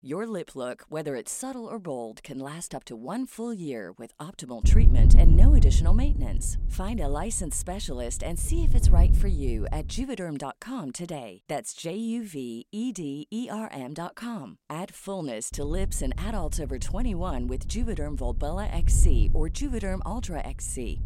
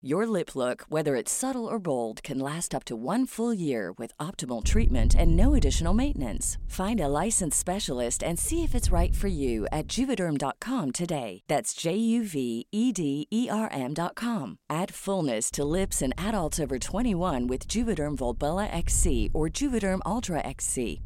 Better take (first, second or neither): second